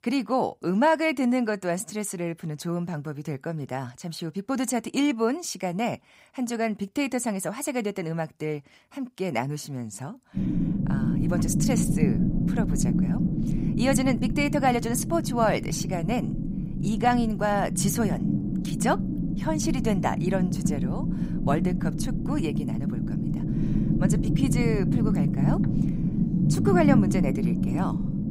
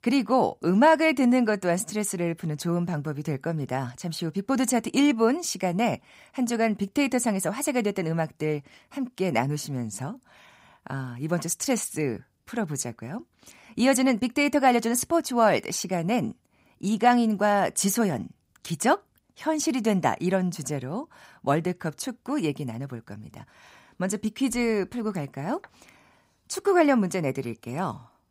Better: second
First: low rumble; loud; from 10 s on; 5 dB below the speech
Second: none

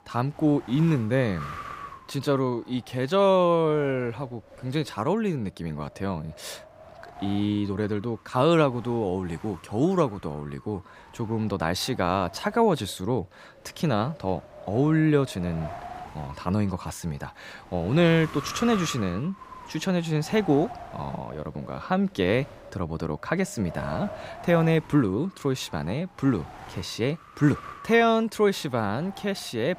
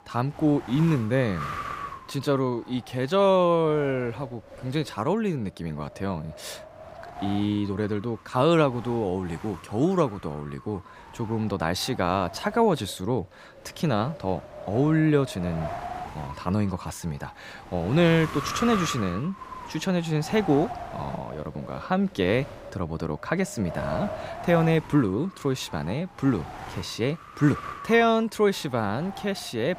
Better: first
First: wind noise on the microphone; occasional gusts; 15 dB below the speech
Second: wind noise on the microphone; heavy; 10 dB below the speech

